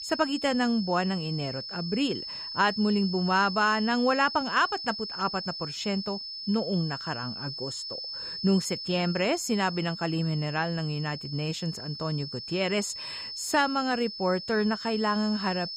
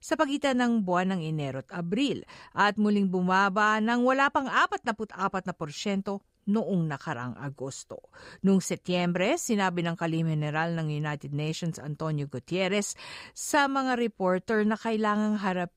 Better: second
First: high-pitched whine; loud; throughout; 5 kHz, 7 dB below the speech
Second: none

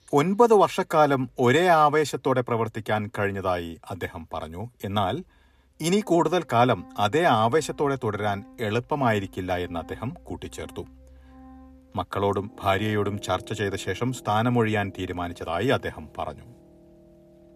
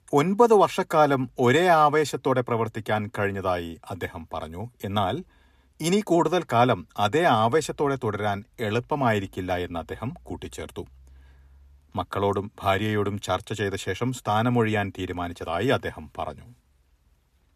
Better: second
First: background music; faint; throughout; 25 dB below the speech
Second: none

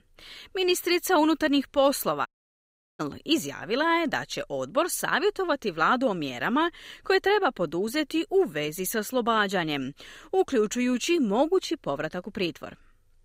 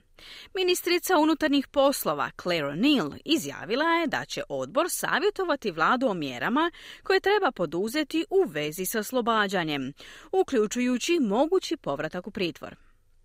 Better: second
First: audio cutting out; at 2.5 s for 0.5 s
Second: none

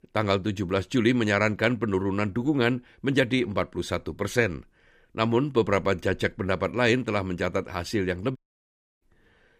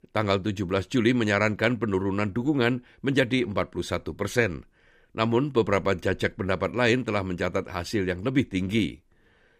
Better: second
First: audio cutting out; at 8.5 s for 0.5 s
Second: none

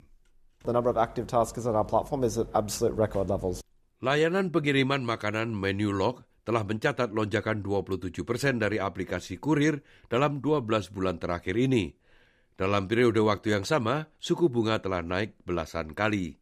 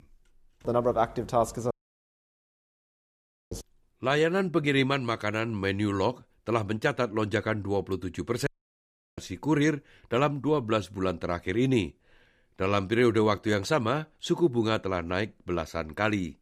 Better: first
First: none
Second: audio cutting out; at 1.5 s for 2 s and at 8.5 s for 0.5 s

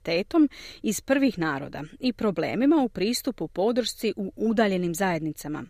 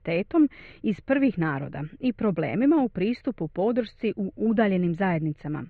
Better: first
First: none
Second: muffled; very; fading above 2.5 kHz

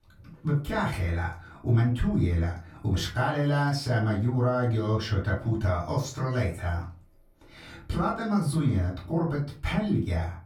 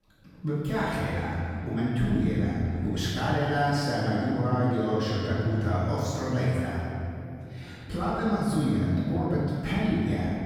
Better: first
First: room echo; slight; dies away in 0.3 s // off-mic speech; far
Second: room echo; strong; dies away in 3 s // off-mic speech; far

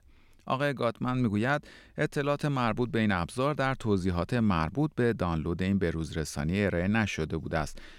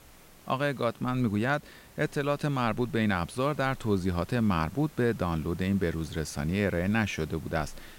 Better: first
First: none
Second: hiss; faint; throughout; 25 dB below the speech

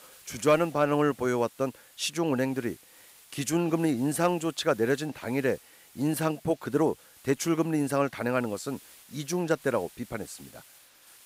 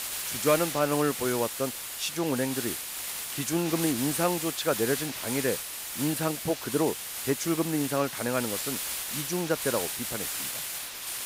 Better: first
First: hiss; faint; throughout; 25 dB below the speech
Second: hiss; loud; throughout; 3 dB below the speech

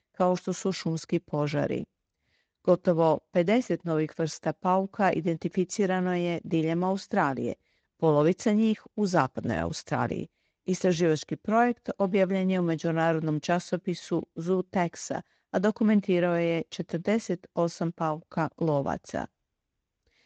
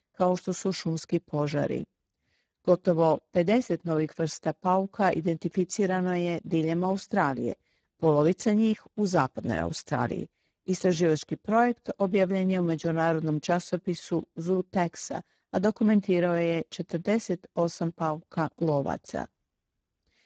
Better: first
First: garbled, watery; slightly; nothing above 7.5 kHz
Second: garbled, watery; badly; nothing above 7.5 kHz

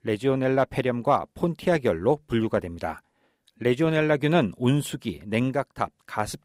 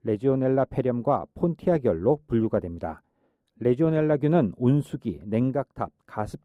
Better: first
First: none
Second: muffled; slightly; fading above 1 kHz

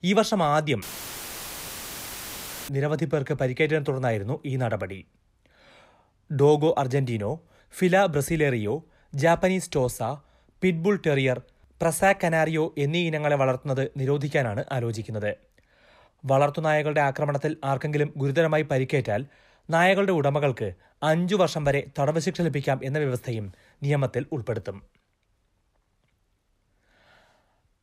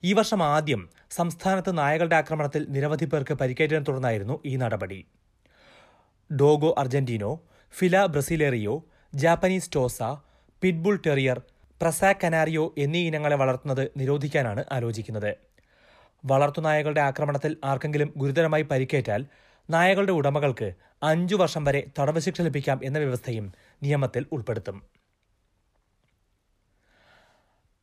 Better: second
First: audio cutting out; filled with static; at 1 s for 2 s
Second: none

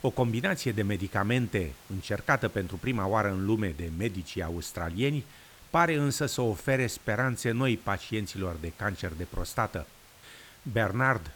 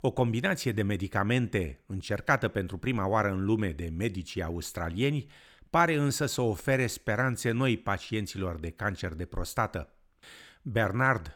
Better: second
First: hiss; faint; throughout; 25 dB below the speech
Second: none

